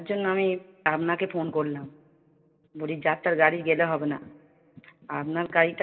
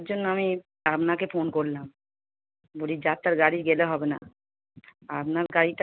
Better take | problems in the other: second | room echo; dies away in 0.5 s

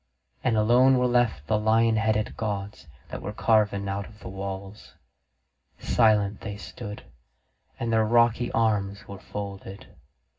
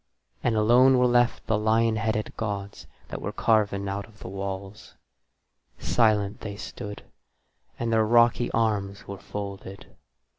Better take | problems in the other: second | room echo; dies away in 0.4 s

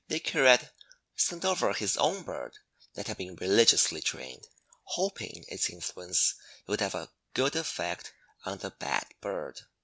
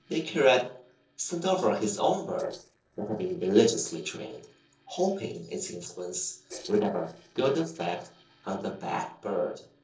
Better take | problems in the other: first | noise reduction (neural separator model SepFormer DNS4)

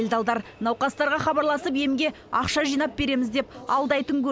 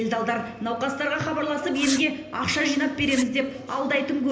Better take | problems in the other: first | background sound (Zipper (clothing)); 15 dB below the speech // room echo; dies away in 0.8 s

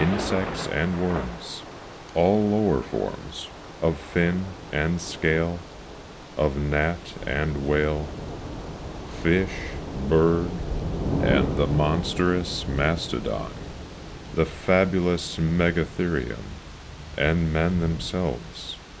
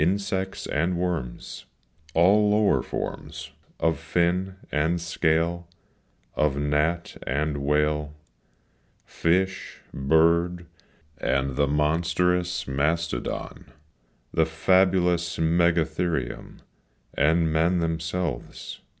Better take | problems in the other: second | background sound (Thunder / Rain); 8 dB below the speech

